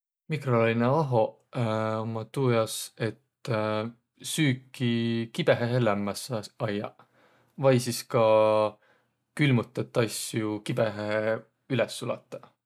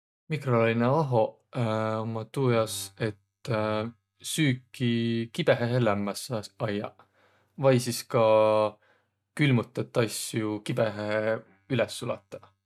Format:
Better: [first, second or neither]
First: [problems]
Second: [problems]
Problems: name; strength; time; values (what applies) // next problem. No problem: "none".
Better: first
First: none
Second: noise reduction (neural mask model DeepFilterNet 3)